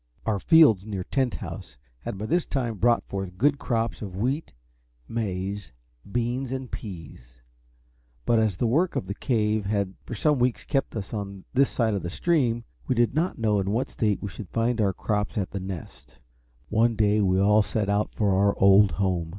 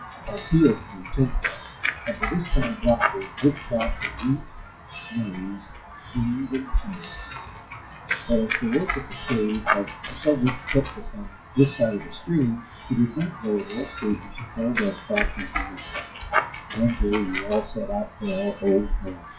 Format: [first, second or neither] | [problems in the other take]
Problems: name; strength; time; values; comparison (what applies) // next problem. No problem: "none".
first | noise reduction (classical method WPE with log-MMSE)